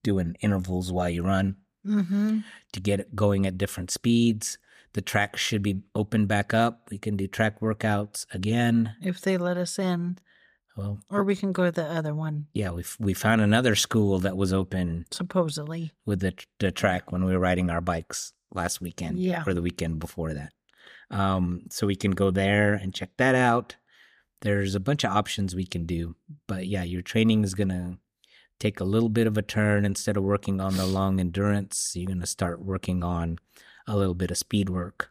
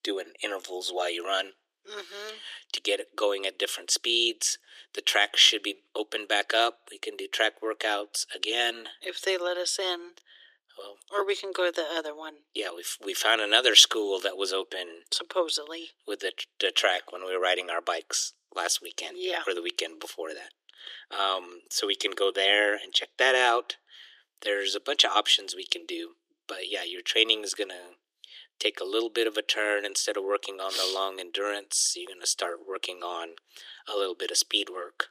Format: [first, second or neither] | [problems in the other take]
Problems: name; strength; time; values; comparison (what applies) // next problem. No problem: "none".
first | thin; very; fading below 300 Hz